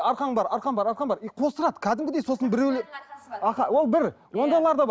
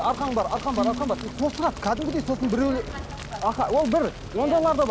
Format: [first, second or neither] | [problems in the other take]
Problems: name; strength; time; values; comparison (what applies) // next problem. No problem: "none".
first | background sound (Dishes, pots, and pans + Fire); 10 dB below the speech